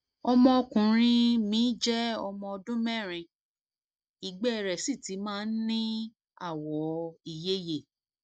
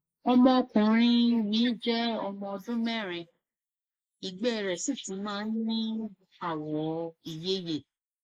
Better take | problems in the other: first | noise reduction (neural mask model Resemble Enhance denoiser)

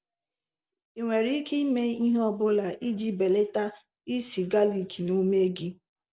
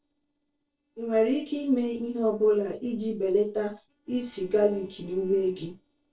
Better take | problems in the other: first | noise reduction (neural separator model SepFormer DNS4)

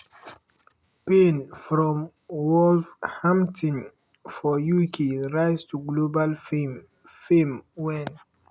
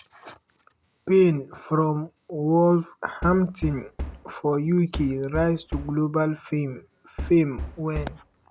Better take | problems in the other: first | background sound (Knock); 10 dB below the speech

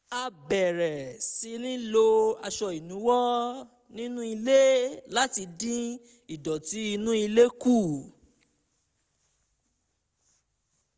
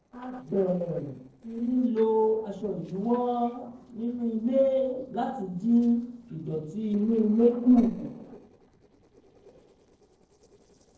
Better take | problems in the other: first | noise reduction (neural separator model SepFormer DNS4)

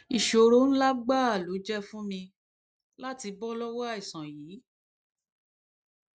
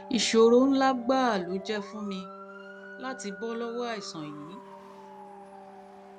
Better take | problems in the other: first | background sound (Wind instrument, woodwind instrument + Motor vehicle (road) / Siren); 16 dB below the speech

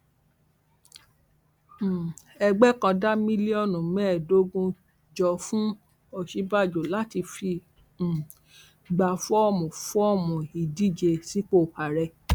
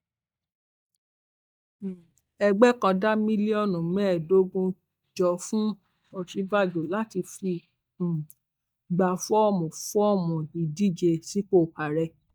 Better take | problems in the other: first | noise reduction (neural mask model DeepFilterNet 3)

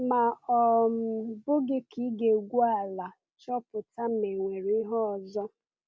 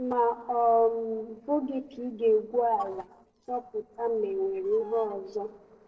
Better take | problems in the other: first | noise reduction (neural separator model SepFormer DNS4)

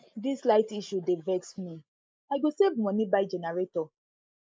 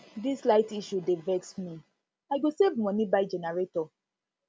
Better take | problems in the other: second | noise reduction (neural mask model Resemble Enhance denoiser)

